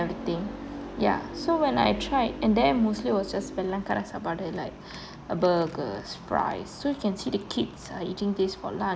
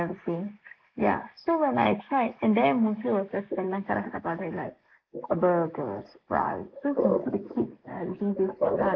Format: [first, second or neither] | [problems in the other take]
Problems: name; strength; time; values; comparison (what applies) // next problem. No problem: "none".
first | noise reduction (neural mask model Resemble Enhance denoiser)